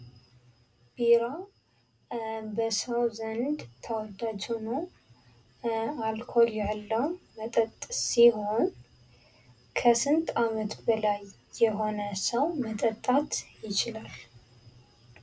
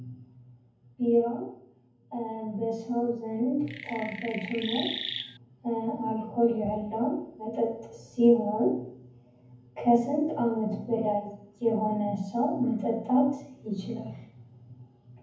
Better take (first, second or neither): first